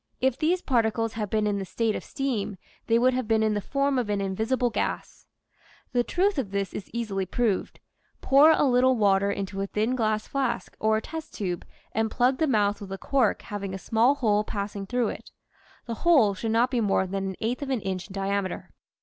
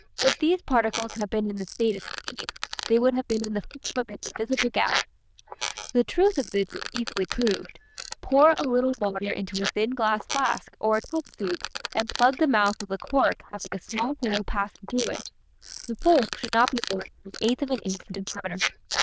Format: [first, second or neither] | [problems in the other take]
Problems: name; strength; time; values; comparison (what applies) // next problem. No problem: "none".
first | noise reduction (neural diffusion model UNIVERSE++)